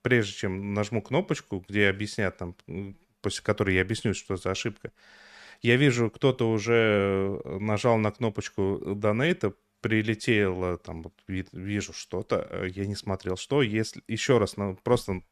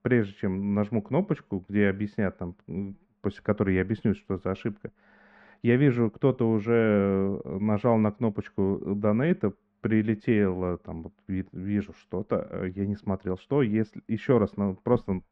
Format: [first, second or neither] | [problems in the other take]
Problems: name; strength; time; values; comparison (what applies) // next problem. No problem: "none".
first | muffled; very; fading above 1.5 kHz